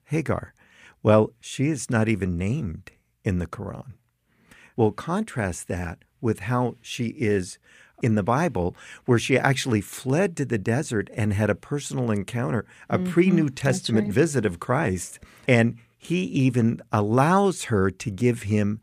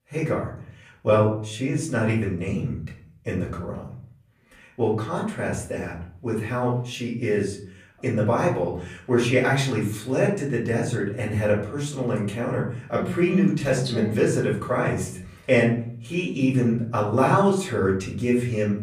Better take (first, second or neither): first